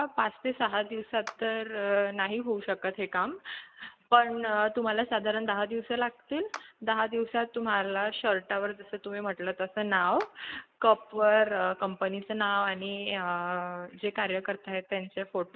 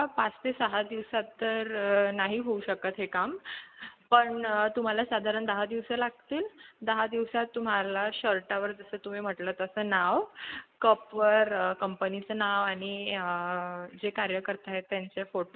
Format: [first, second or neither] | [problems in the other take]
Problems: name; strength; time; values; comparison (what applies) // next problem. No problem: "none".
second | noise reduction (neural mask model DeepFilterNet 3)